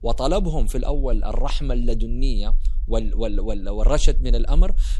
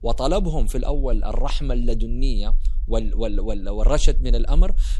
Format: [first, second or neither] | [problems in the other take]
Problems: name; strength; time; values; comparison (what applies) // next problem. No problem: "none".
neither | low rumble; faint; throughout; 25 dB below the speech; the same in both